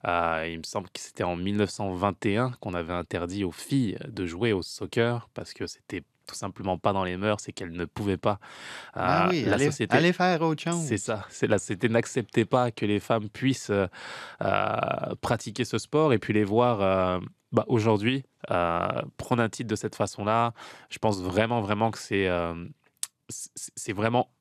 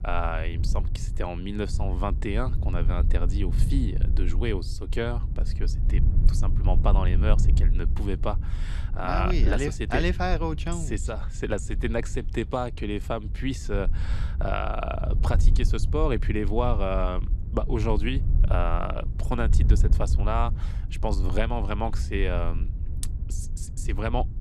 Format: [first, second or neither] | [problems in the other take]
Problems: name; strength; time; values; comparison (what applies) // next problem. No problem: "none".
first | low rumble; noticeable; throughout; 15 dB below the speech